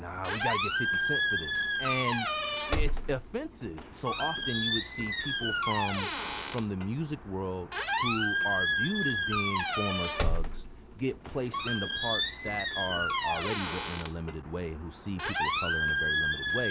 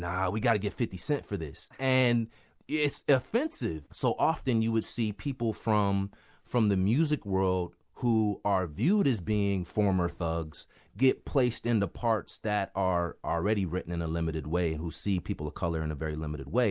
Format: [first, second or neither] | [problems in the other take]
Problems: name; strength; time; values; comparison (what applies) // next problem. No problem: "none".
second | background sound (Squeak); 4 dB above the speech